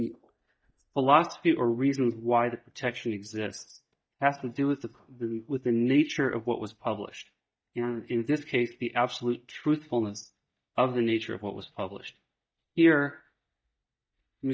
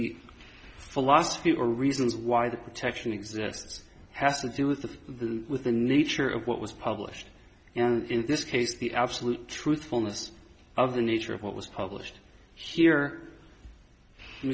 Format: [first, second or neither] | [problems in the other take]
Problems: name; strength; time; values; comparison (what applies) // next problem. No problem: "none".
second | noise reduction (neural mask model DeepFilterNet 3)